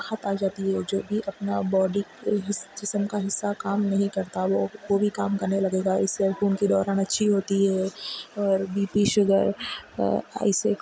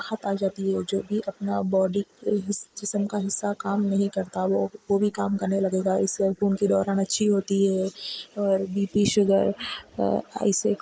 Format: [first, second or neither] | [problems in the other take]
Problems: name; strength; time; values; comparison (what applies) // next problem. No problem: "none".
first | noise reduction (neural mask model Resemble Enhance denoiser)